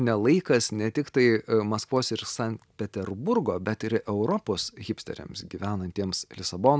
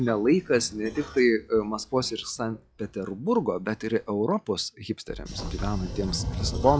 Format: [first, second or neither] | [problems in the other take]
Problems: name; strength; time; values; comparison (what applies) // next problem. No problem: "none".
first | noise reduction (classical method log-MMSE)